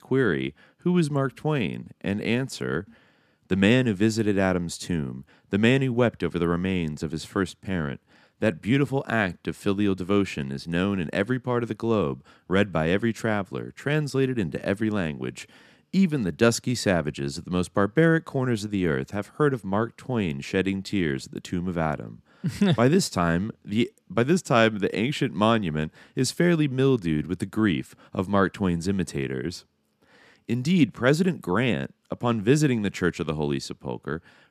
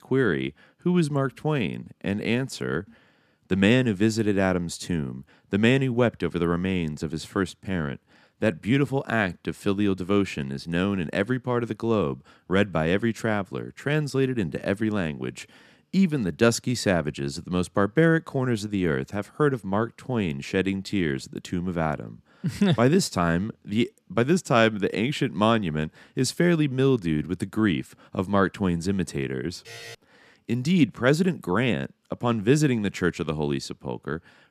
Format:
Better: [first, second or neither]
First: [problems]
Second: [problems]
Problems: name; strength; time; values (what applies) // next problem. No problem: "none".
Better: first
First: none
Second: alarm; faint; at 30 s; peak 15 dB below the speech